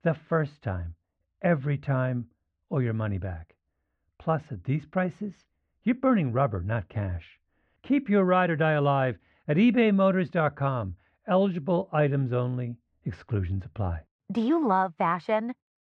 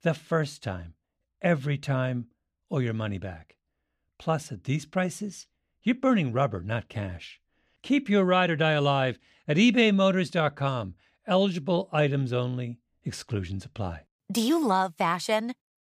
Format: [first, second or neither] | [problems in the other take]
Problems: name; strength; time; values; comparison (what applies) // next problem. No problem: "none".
second | muffled; very; fading above 1.5 kHz